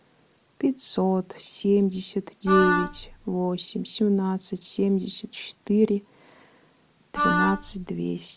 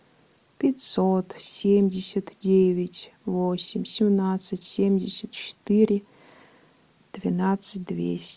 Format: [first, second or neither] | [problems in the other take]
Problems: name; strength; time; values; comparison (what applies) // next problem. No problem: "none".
second | background sound (Wind instrument, woodwind instrument); as loud as the speech